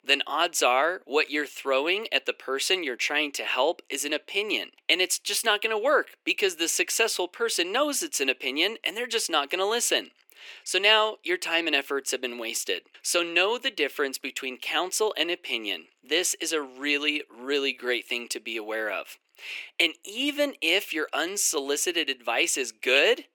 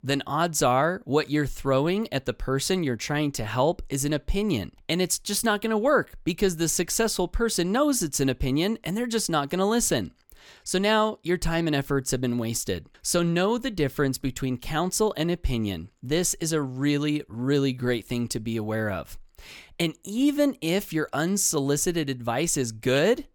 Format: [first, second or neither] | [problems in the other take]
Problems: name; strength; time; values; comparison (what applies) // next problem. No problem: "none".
second | thin; somewhat; fading below 350 Hz